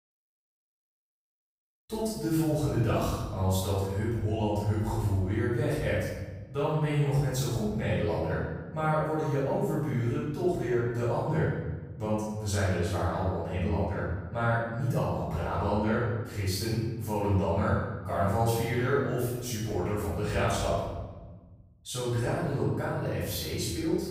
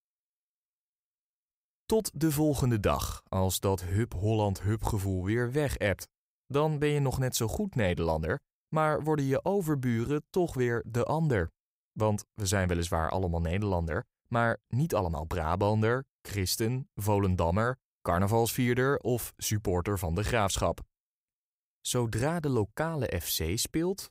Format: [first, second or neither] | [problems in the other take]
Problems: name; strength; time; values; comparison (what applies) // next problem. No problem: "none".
second | off-mic speech; far // room echo; strong; dies away in 1.2 s